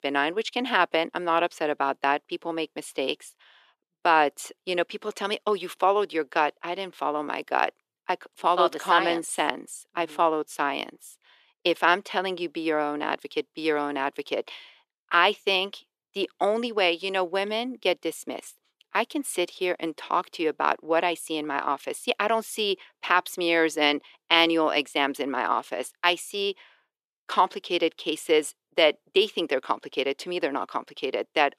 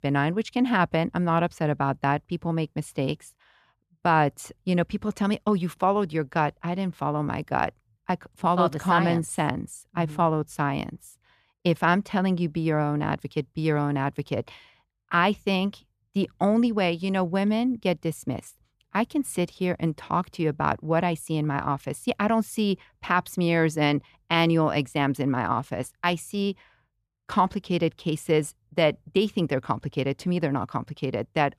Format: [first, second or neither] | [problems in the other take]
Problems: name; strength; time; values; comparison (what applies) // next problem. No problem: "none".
second | thin; somewhat; fading below 350 Hz